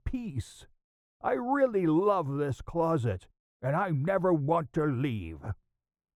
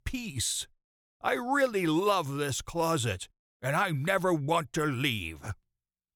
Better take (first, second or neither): second